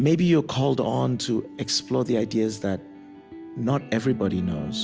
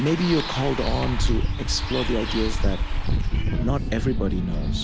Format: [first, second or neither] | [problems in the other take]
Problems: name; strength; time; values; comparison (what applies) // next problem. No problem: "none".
first | background sound (Bus); 2 dB above the speech